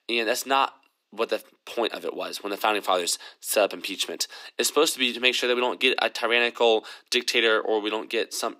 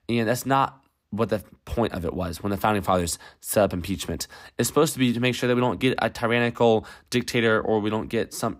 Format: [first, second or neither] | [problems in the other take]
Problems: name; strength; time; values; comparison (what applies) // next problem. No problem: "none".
second | thin; somewhat; fading below 350 Hz